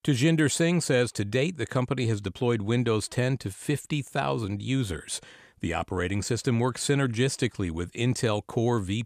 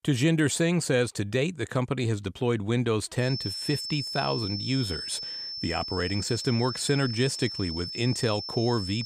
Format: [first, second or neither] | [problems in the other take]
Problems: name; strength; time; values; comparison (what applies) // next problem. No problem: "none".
first | high-pitched whine; loud; from 3.5 s on; 5.5 kHz, 5 dB below the speech